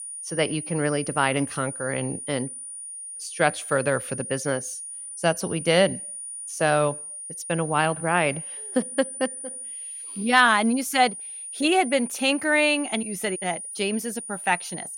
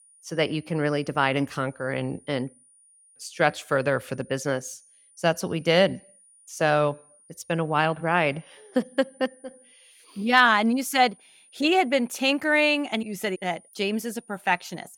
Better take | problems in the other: second | high-pitched whine; loud; throughout; 9.5 kHz, 9 dB below the speech; faint in the second

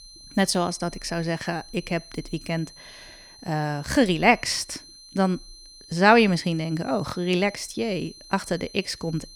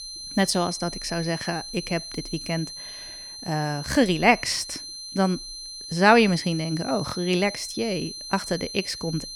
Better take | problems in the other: first | high-pitched whine; loud; throughout; 4 kHz, 10 dB below the speech; faint in the first

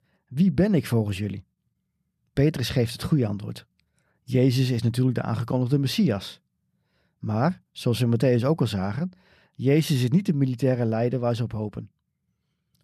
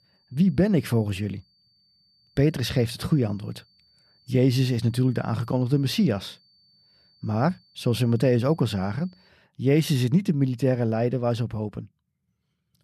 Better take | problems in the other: first | high-pitched whine; faint; until 9.5 s; 4.5 kHz, 35 dB below the speech

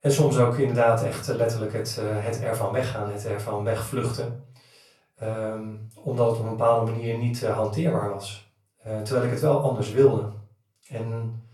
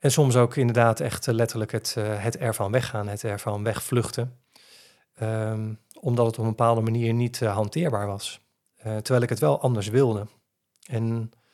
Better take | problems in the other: second | off-mic speech; far // room echo; slight; dies away in 0.4 s

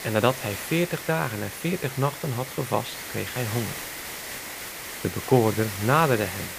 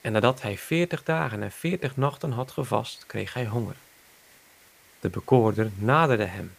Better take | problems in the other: second | hiss; loud; throughout; 8 dB below the speech; faint in the second

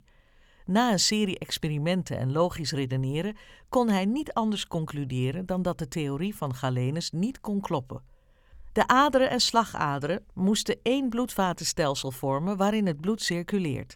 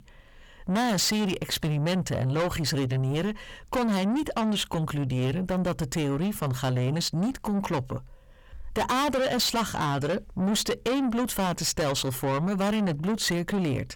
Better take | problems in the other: first | distortion; heavy; 6 dB below the speech

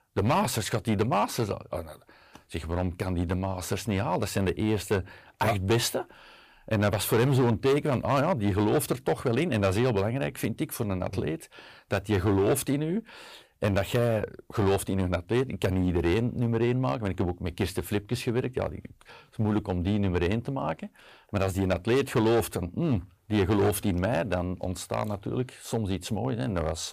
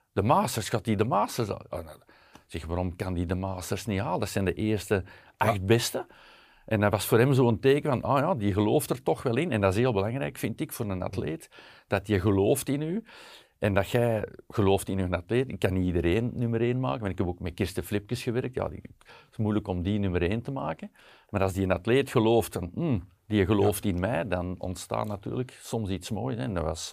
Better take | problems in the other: second | distortion; slight; 5% of the sound clipped

